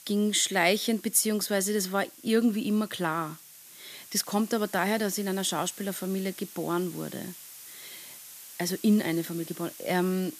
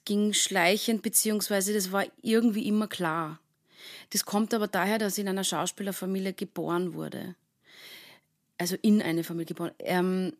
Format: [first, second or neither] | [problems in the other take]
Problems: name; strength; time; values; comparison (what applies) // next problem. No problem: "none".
second | hiss; noticeable; throughout; 15 dB below the speech